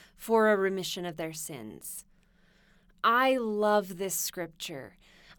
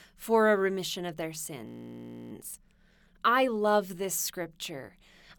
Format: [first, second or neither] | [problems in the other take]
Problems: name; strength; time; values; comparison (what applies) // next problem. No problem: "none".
first | audio freezing; at 1.5 s for 0.5 s